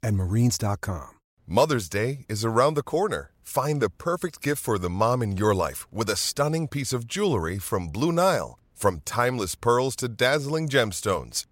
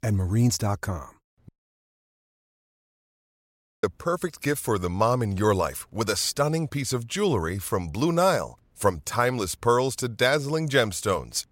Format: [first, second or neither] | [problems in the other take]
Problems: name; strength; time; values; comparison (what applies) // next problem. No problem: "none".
first | audio cutting out; at 1.5 s for 2.5 s